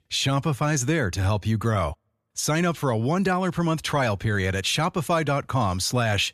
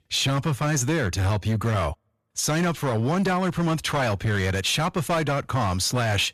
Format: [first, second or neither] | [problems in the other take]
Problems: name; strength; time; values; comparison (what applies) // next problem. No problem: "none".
first | distortion; slight; 15% of the sound clipped